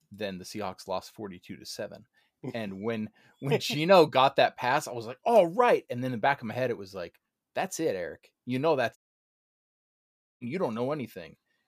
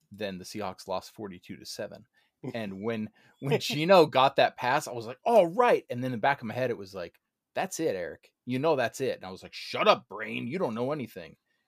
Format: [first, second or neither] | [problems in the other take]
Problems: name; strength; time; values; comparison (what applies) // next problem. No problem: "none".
second | audio cutting out; at 9 s for 1.5 s